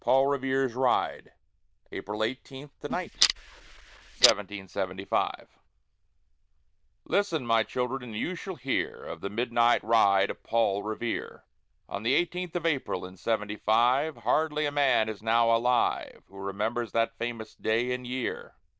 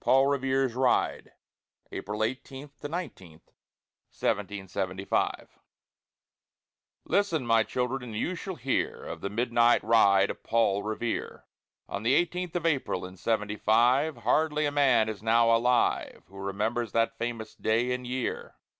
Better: second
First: noise reduction (neural diffusion model UNIVERSE++)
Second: none

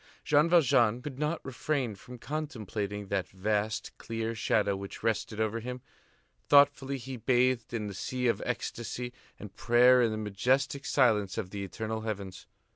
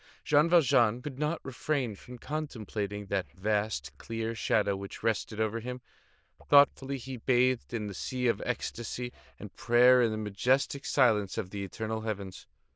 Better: first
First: none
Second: noise reduction (neural diffusion model UNIVERSE++)

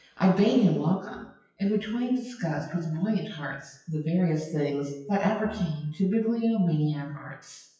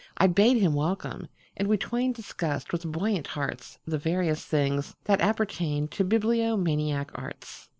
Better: second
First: noise reduction (classical method WPE with log-MMSE)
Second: none

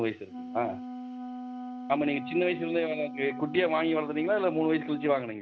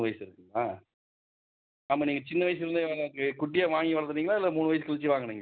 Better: second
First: background sound (Wind instrument, woodwind instrument); 10 dB below the speech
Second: none

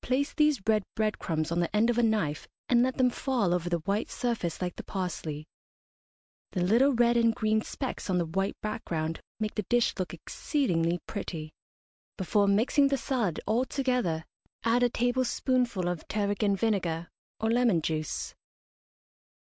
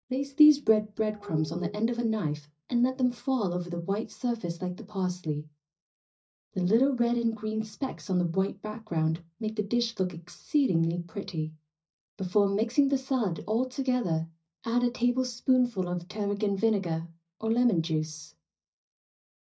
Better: first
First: none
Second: noise reduction (neural mask model DeepFilterNet 3)

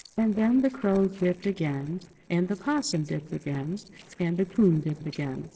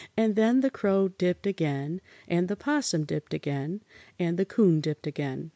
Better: second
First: noise reduction (neural separator model SepFormer DNS4)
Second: none

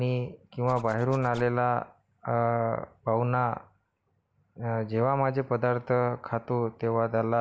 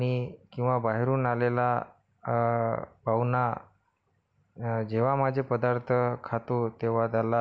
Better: second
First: noise reduction (neural mask model Resemble Enhance denoiser)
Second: none

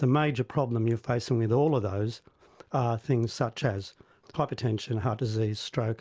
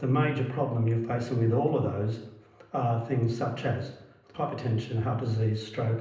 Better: first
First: none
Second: room echo; dies away in 0.8 s

